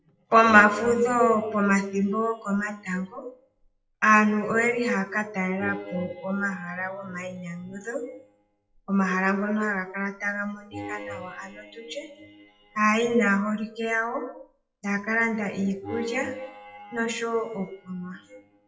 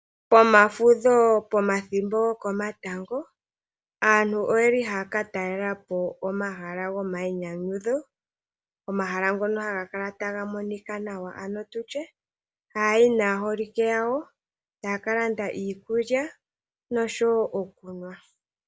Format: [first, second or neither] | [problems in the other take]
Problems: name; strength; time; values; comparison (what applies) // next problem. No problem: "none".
second | noise reduction (classical method WPE with log-MMSE)